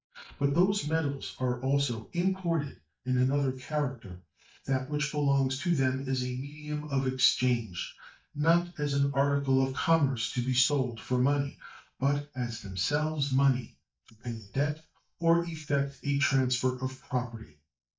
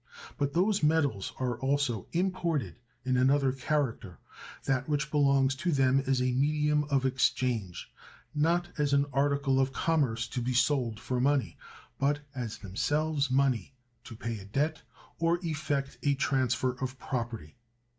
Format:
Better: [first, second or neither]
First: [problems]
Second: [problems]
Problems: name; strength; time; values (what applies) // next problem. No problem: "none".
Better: second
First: noise reduction (neural mask model DeepFilterNet 3)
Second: none